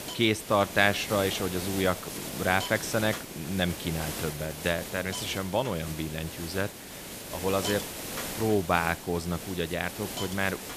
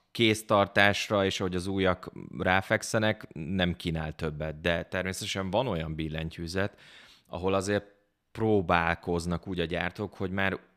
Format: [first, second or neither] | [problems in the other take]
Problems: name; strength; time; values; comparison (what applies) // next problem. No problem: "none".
second | hiss; loud; throughout; 7 dB below the speech